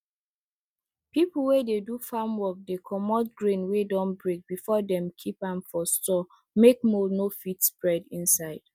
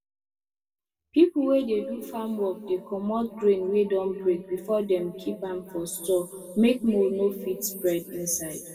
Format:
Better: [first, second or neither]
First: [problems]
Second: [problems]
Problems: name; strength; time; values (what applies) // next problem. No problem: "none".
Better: first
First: none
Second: room echo; dies away in 2.5 s